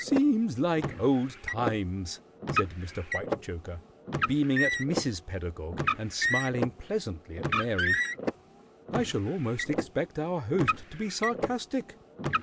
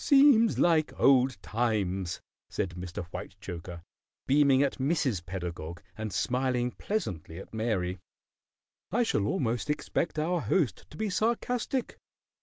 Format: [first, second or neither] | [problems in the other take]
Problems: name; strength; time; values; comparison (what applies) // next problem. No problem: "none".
second | background sound (Car); 3 dB below the speech